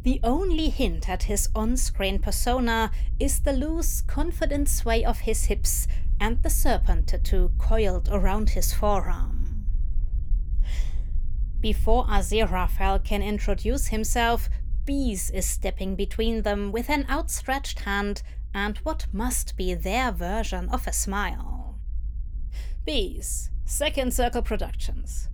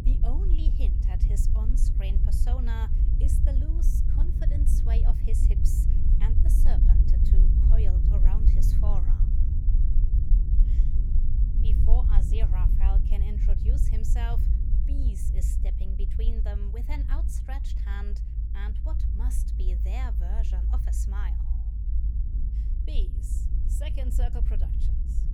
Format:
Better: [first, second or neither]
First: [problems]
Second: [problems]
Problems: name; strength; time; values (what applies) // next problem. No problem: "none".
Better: first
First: low rumble; faint; throughout; 25 dB below the speech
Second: low rumble; loud; throughout; 1 dB below the speech